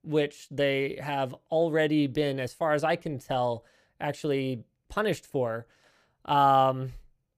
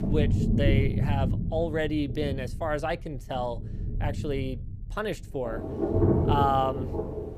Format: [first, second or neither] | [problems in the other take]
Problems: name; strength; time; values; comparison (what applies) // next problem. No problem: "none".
first | rain or running water; very loud; throughout; 2 dB above the speech